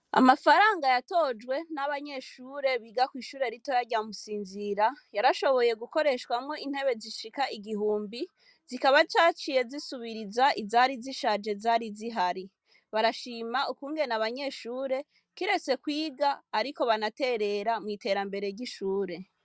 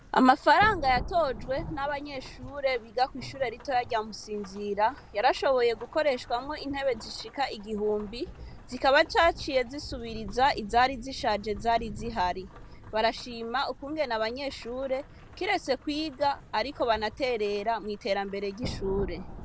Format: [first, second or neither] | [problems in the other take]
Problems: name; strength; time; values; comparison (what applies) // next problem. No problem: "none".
first | background sound (Rain / Thunderstorm); 14 dB below the speech